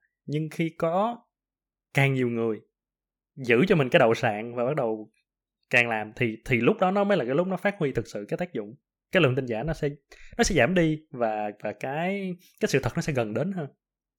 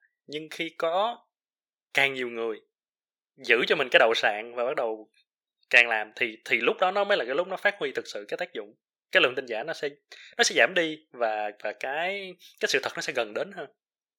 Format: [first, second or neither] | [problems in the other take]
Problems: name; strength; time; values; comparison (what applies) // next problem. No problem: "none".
first | thin; very; fading below 500 Hz